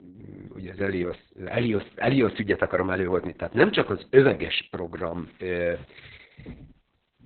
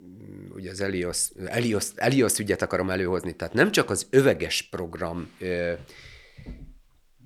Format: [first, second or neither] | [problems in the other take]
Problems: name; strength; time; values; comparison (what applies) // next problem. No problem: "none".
second | garbled, watery; badly; nothing above 4 kHz